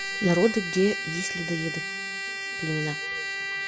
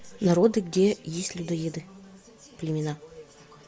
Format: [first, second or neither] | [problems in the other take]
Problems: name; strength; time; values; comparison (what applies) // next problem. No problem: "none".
second | background sound (Trumpet); 3 dB below the speech